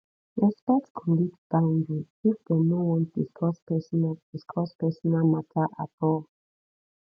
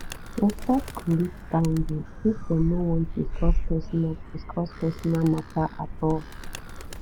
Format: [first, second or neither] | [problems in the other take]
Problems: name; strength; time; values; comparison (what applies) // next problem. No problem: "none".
first | background sound (Animal); 4 dB below the speech